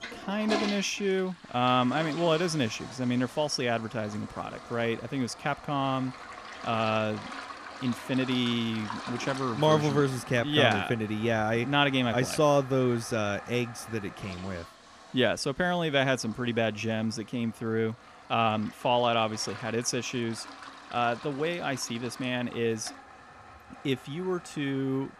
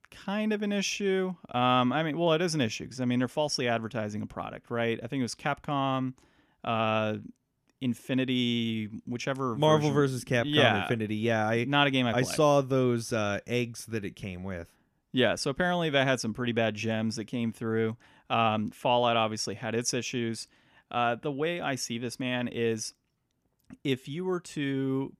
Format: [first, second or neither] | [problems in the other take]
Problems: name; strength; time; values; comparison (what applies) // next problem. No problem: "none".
second | household noises; noticeable; throughout; 15 dB below the speech